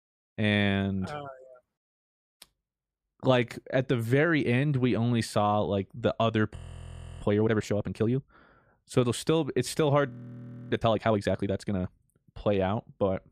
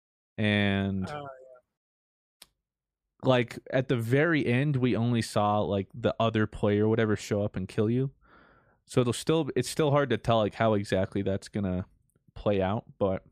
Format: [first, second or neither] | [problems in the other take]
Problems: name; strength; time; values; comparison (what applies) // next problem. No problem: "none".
second | audio freezing; at 6.5 s for 0.5 s and at 10 s for 0.5 s